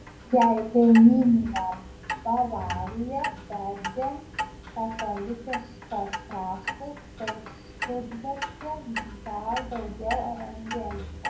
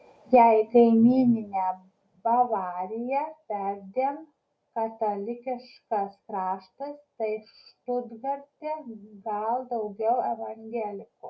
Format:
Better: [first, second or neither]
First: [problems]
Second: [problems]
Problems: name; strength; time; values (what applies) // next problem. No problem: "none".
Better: second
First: background sound (Clock); 11 dB below the speech // room echo; dies away in 0.5 s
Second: none